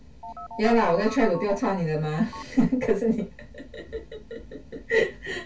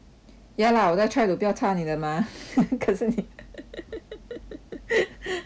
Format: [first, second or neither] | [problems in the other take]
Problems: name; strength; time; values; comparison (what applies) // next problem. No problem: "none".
second | background sound (Telephone); 14 dB below the speech // room echo; dies away in 0.2 s